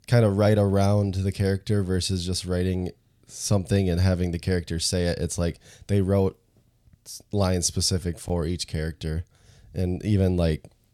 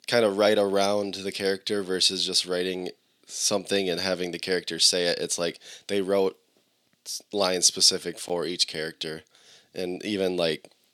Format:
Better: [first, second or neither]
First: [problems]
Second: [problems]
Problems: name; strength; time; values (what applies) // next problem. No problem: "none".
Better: first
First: none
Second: thin; somewhat; fading below 300 Hz